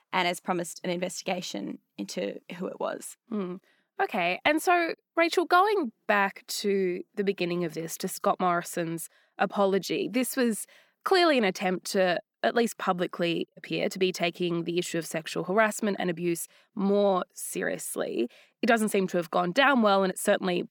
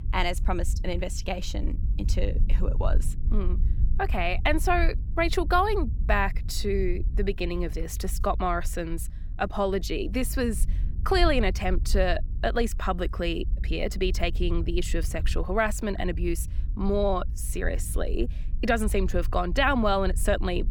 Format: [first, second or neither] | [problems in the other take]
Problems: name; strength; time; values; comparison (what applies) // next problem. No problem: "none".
first | low rumble; faint; throughout; 20 dB below the speech